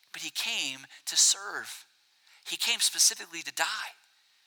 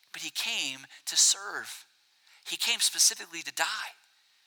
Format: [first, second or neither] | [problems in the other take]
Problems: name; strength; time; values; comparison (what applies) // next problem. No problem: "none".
neither | thin; very; fading below 800 Hz; the same in both